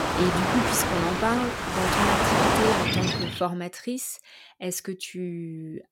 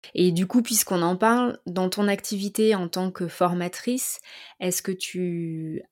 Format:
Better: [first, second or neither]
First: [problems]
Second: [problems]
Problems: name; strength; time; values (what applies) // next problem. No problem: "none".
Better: second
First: rain or running water; very loud; until 3.5 s; 5 dB above the speech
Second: none